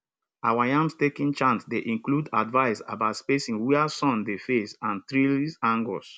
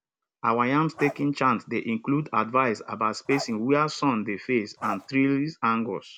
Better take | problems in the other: first | background sound (Bark); 16 dB below the speech

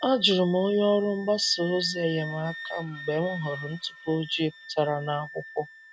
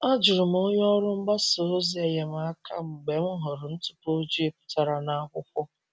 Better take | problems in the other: second | background sound (Wind instrument, woodwind instrument); 15 dB below the speech

